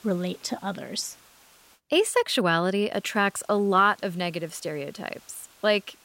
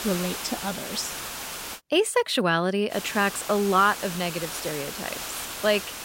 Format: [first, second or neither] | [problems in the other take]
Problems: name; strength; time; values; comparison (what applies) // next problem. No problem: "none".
first | hiss; loud; until 2 s and from 3 s on; 8 dB below the speech; faint in the first